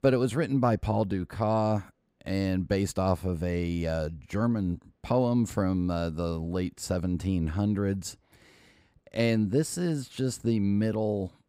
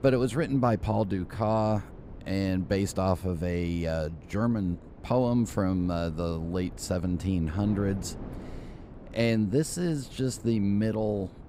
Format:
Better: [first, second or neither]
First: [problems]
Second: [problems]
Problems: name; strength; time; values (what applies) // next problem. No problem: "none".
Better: first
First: none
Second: wind noise on the microphone; occasional gusts; 20 dB below the speech